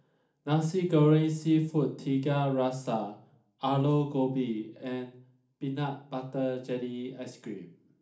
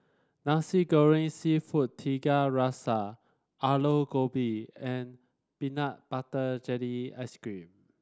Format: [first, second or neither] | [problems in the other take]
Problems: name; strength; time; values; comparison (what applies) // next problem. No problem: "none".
second | room echo; dies away in 0.4 s